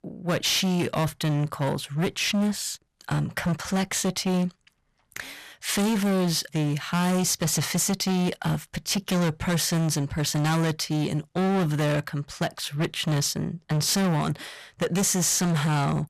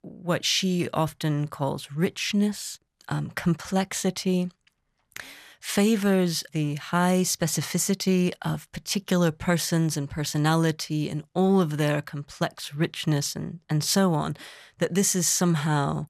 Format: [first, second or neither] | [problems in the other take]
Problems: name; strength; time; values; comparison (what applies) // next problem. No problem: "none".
second | distortion; heavy; 21% of the sound clipped